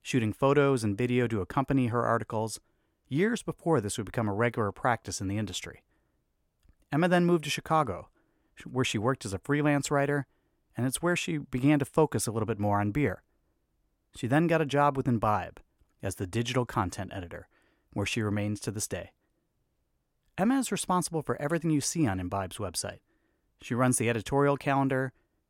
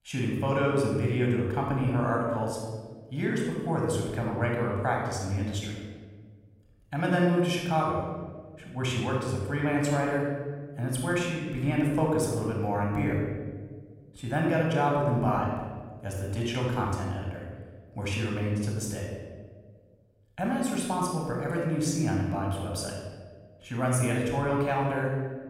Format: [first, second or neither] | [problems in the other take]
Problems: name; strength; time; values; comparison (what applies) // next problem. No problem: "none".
first | off-mic speech; somewhat distant // room echo; noticeable; dies away in 1.4 s